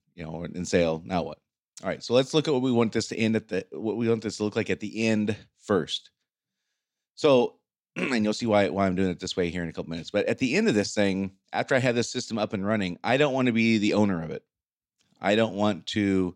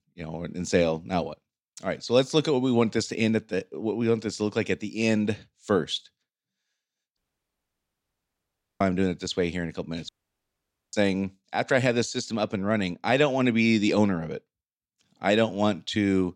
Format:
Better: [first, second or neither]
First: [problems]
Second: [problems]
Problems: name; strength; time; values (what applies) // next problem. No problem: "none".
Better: first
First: none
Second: audio cutting out; at 7 s for 1.5 s and at 10 s for 1 s